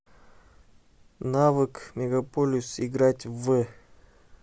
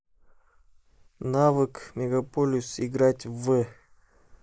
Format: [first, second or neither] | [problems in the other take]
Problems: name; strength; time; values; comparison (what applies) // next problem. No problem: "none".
first | noise reduction (neural mask model Resemble Enhance denoiser)